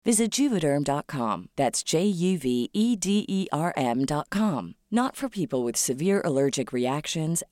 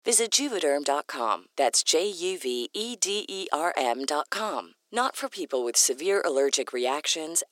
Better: first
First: none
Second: thin; very; fading below 350 Hz

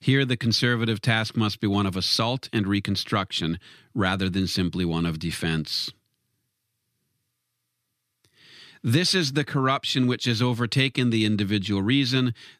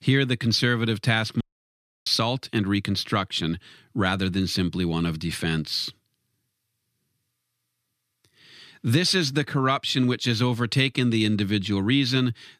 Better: first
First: none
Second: audio cutting out; at 1.5 s for 0.5 s

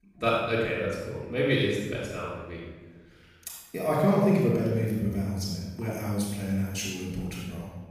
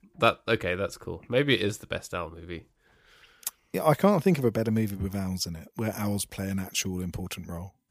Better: second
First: off-mic speech; far // room echo; strong; dies away in 1.2 s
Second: none

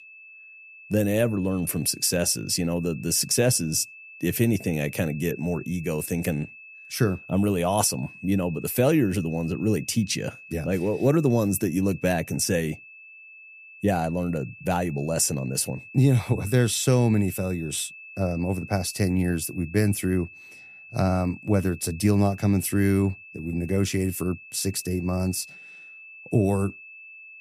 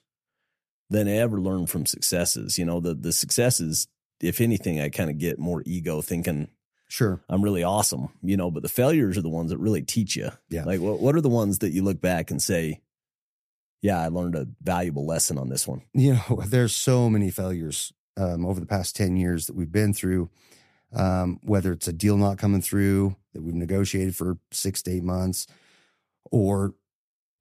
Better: second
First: high-pitched whine; noticeable; throughout; 2.5 kHz, 20 dB below the speech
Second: none

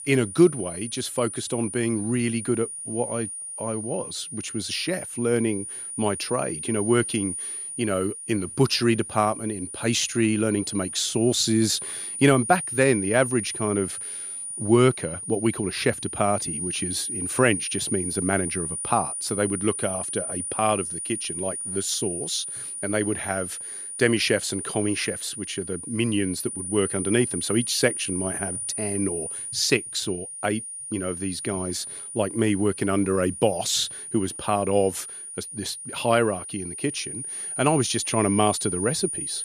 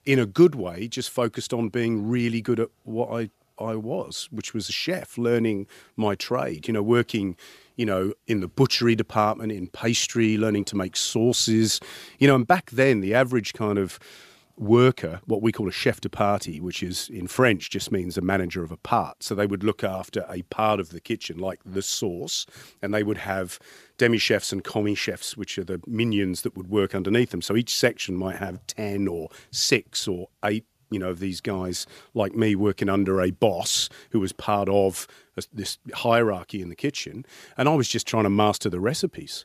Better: second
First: high-pitched whine; loud; throughout; 9.5 kHz, 6 dB below the speech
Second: none

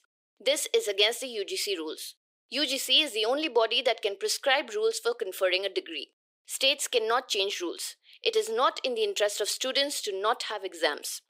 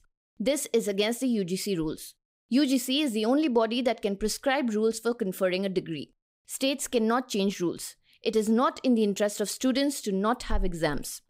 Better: second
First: thin; very; fading below 350 Hz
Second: none

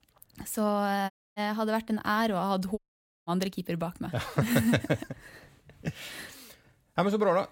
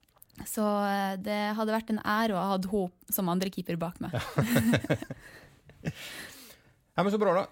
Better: second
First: audio cutting out; at 1 s and at 3 s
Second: none

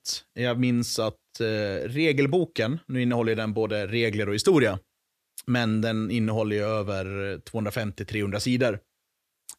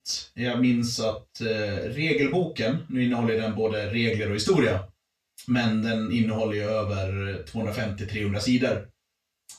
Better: first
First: none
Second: room echo; noticeable; dies away in 0.2 s // off-mic speech; far

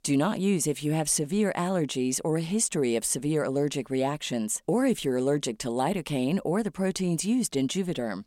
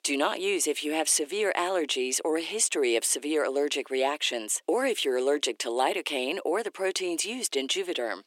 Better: first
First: none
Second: thin; somewhat; fading below 350 Hz

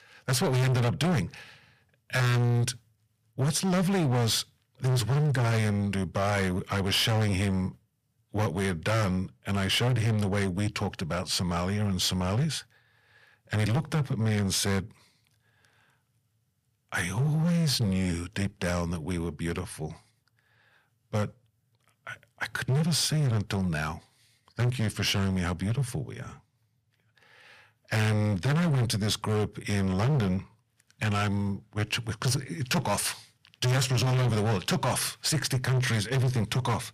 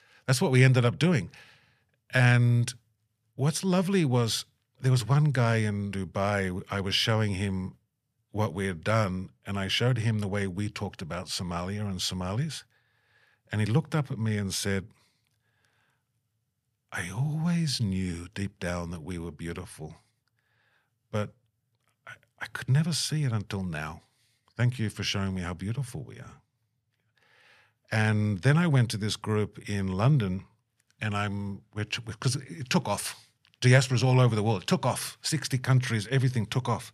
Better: second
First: distortion; heavy; 18% of the sound clipped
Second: none

